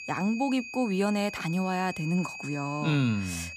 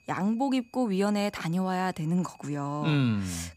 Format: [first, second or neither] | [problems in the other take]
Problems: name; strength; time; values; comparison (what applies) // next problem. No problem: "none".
second | high-pitched whine; loud; throughout; 2.5 kHz, 10 dB below the speech; faint in the second